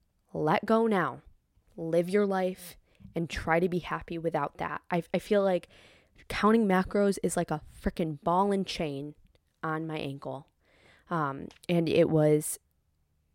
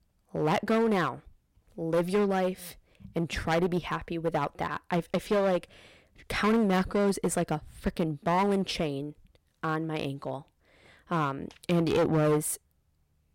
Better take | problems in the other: first | distortion; slight; 8% of the sound clipped

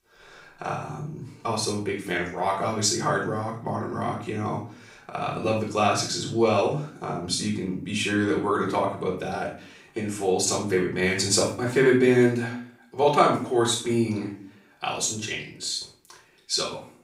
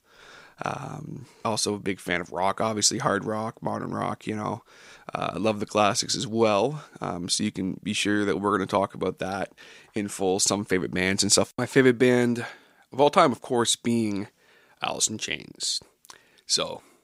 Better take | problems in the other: second | off-mic speech; far // room echo; noticeable; dies away in 0.4 s

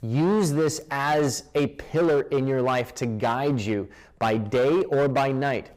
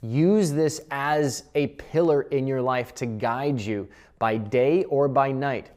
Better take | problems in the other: second | distortion; slight; 13% of the sound clipped

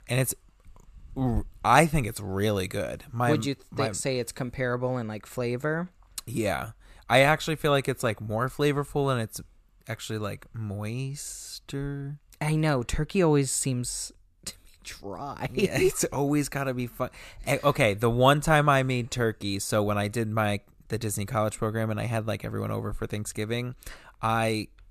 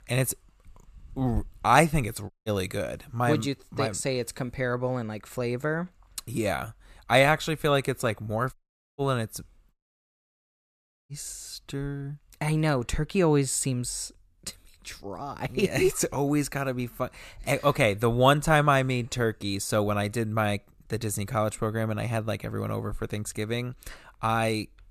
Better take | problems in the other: first | audio cutting out; at 2.5 s, at 8.5 s and at 9.5 s for 1.5 s

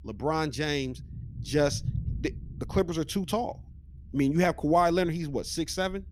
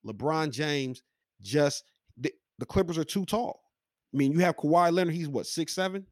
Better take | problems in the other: second | low rumble; faint; throughout; 25 dB below the speech

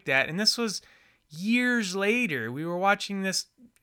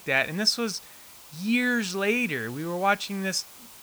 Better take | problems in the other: first | hiss; noticeable; throughout; 20 dB below the speech

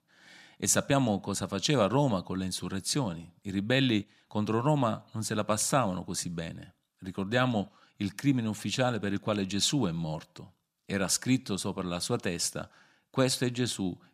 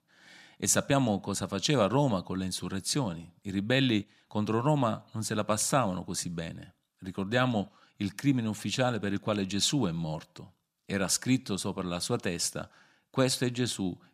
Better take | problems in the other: neither | none

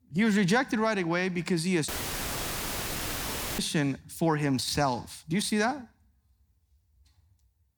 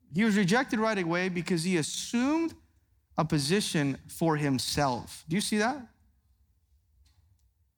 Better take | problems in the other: second | audio cutting out; filled with static; at 2 s for 1.5 s

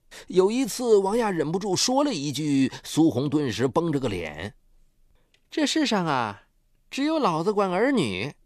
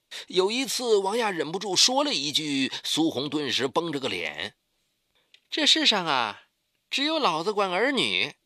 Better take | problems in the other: first | thin; very slightly; fading below 950 Hz

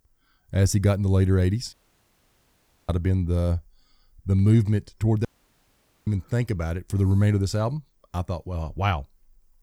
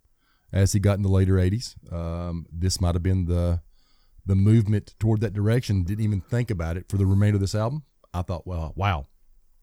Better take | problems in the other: second | audio cutting out; at 1.5 s for 1 s and at 5.5 s for 1 s

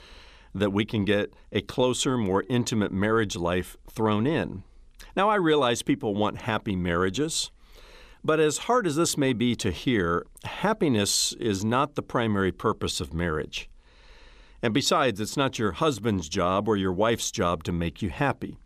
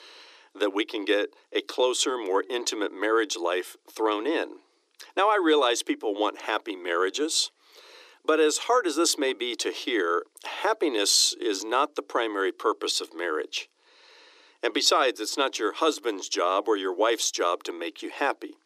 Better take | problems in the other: first | thin; somewhat; fading below 300 Hz

